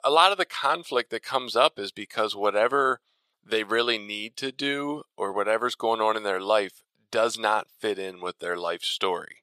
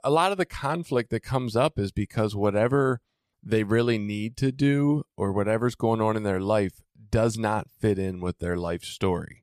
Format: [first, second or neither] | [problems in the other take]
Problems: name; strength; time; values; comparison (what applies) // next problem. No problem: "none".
second | thin; very; fading below 550 Hz